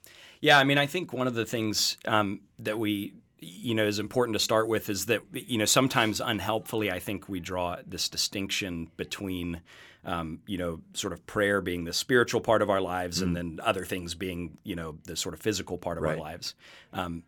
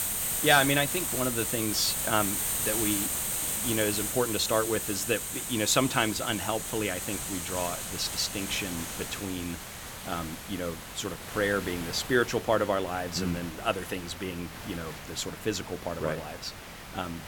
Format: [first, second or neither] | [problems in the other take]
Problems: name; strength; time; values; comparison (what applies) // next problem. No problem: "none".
first | hiss; loud; throughout; 2 dB below the speech